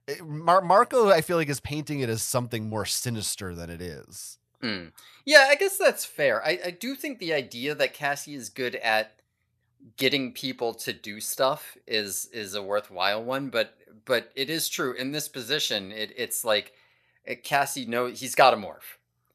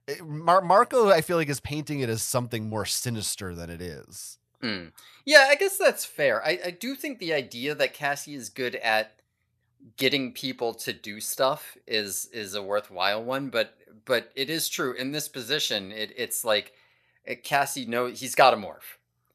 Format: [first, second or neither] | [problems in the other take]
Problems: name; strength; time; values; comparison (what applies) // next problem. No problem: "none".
neither | none